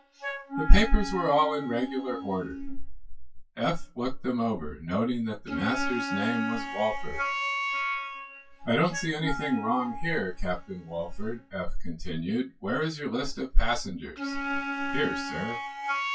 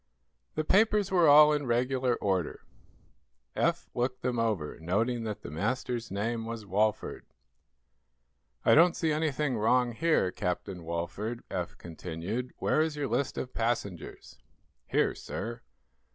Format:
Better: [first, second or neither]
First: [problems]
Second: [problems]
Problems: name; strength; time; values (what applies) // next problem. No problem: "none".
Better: second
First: noise reduction (classical method WPE with log-MMSE)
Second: none